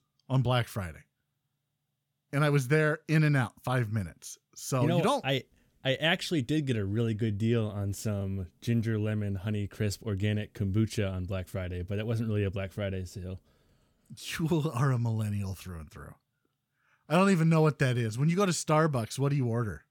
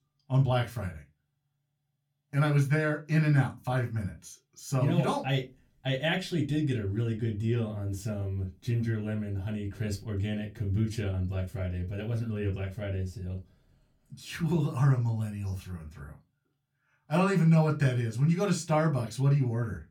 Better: first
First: none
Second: off-mic speech; far // room echo; very slight; dies away in 0.2 s

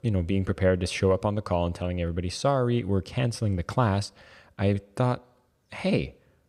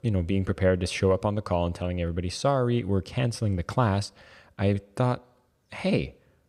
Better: neither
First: none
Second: none

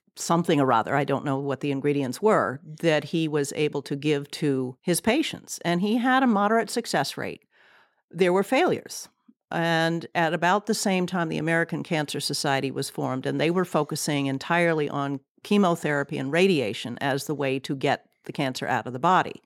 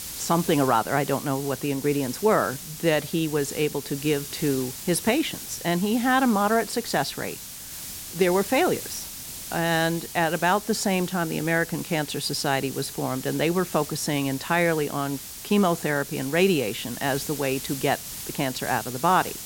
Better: first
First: none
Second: hiss; noticeable; throughout; 10 dB below the speech

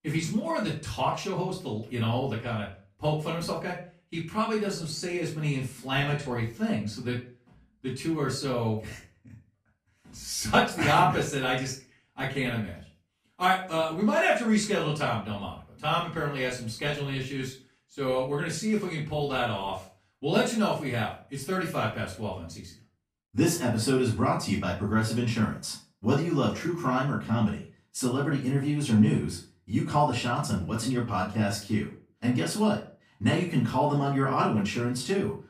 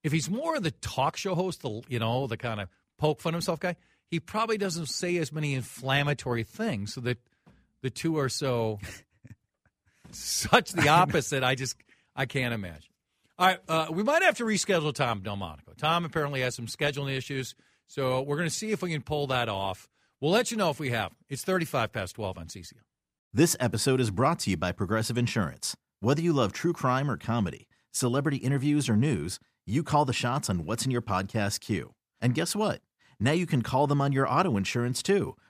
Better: second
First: off-mic speech; far // room echo; slight; dies away in 0.3 s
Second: none

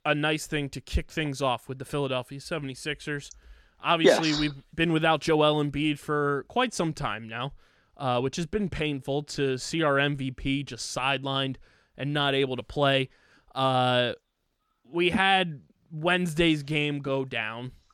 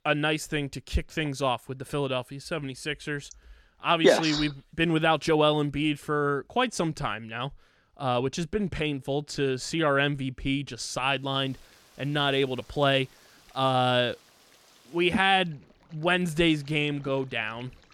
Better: first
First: none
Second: rain or running water; faint; from 11 s on; 30 dB below the speech

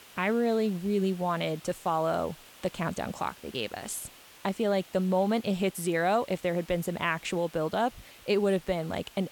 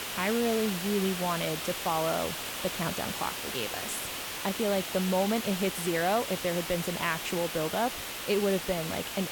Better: first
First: hiss; faint; throughout; 20 dB below the speech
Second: hiss; loud; throughout; 3 dB below the speech

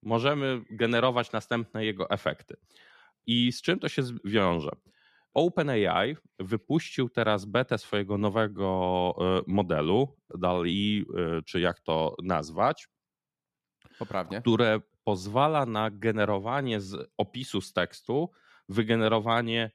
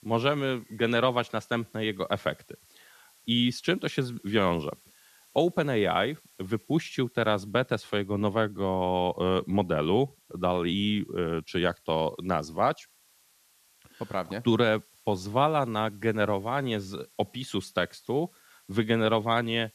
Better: first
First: none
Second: hiss; faint; throughout; 30 dB below the speech

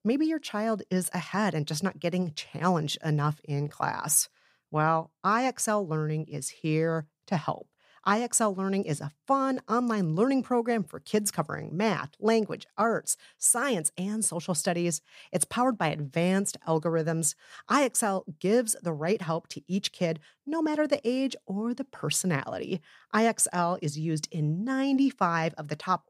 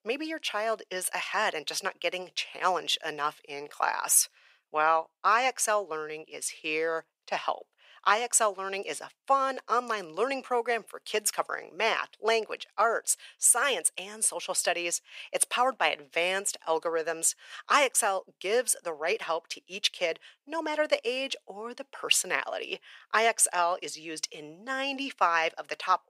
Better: first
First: none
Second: thin; very; fading below 500 Hz

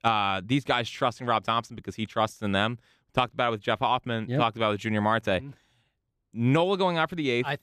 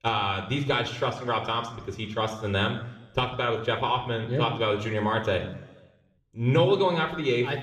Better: first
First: none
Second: room echo; slight; dies away in 0.7 s

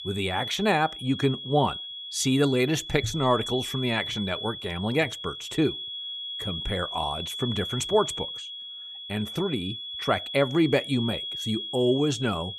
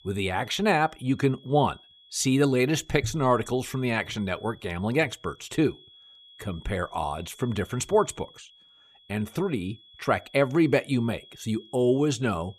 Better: second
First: high-pitched whine; loud; throughout; 3.5 kHz, 6 dB below the speech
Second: high-pitched whine; faint; throughout; 3.5 kHz, 25 dB below the speech

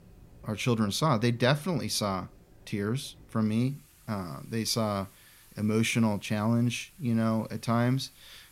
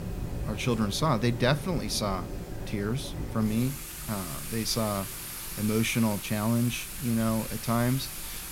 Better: first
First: rain or running water; faint; throughout; 25 dB below the speech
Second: rain or running water; loud; throughout; 8 dB below the speech

